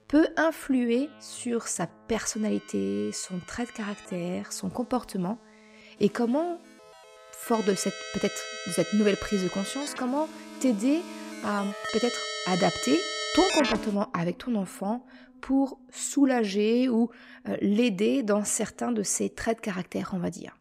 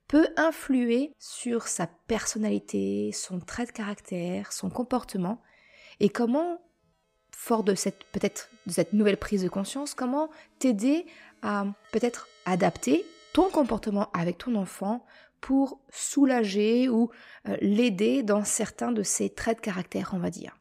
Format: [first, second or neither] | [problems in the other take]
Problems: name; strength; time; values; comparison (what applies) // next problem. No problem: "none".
second | background music; loud; throughout; 6 dB below the speech; faint in the second